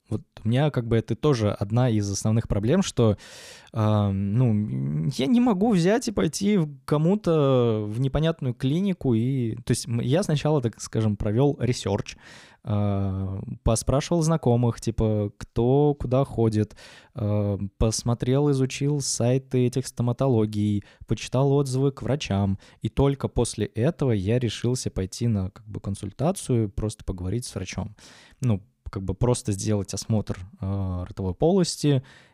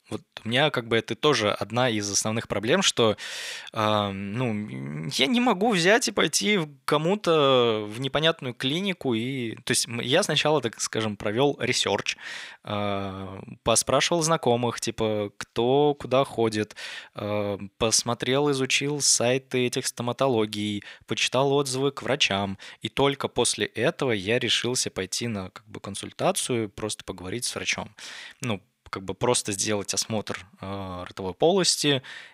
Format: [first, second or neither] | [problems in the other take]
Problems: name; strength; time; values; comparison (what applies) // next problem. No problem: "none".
first | thin; somewhat; fading below 800 Hz